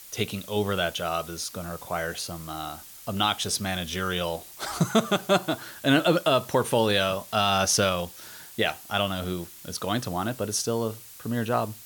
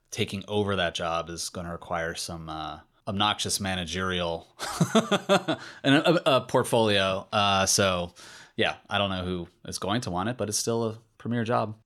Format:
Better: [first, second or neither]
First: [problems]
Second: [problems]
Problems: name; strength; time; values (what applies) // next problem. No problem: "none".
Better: second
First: hiss; noticeable; throughout; 15 dB below the speech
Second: none